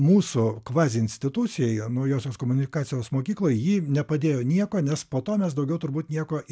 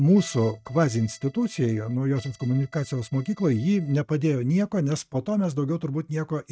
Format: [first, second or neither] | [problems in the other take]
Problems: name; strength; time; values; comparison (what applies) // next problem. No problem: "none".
first | noise reduction (neural mask model RNNoise)